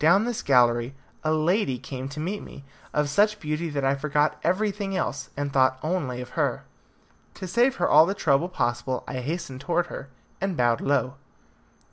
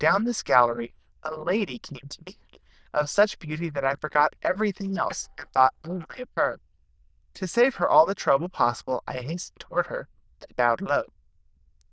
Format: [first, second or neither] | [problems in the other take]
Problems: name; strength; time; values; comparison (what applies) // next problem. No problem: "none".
first | noise reduction (neural diffusion model UNIVERSE++)